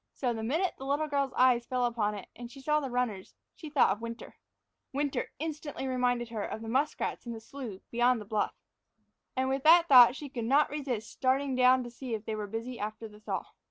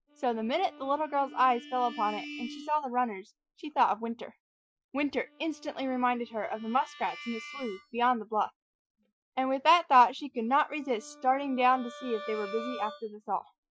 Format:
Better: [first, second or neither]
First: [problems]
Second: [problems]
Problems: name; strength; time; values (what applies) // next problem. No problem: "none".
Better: first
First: none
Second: noise reduction (classical method Wiener filter)